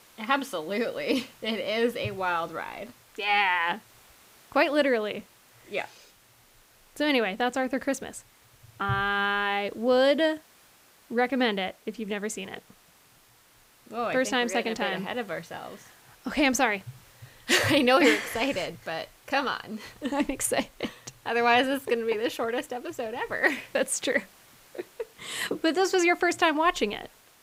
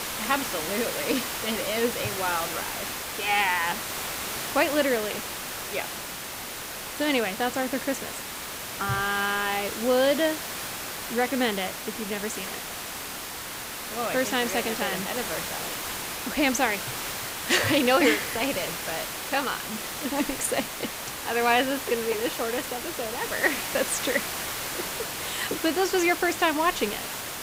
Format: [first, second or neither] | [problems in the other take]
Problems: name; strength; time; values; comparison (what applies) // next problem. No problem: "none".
first | hiss; loud; throughout; 5 dB below the speech; faint in the first